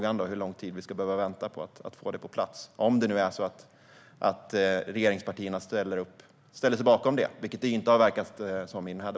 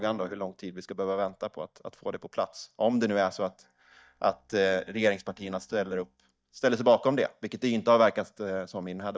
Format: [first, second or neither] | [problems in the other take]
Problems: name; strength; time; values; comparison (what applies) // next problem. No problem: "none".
first | noise reduction (neural mask model DeepFilterNet 3)